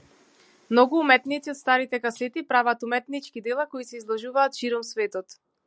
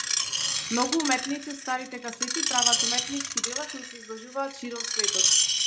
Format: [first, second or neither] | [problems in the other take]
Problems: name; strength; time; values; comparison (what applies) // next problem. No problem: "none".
first | background sound (Screech); 5 dB above the speech // room echo; dies away in 0.4 s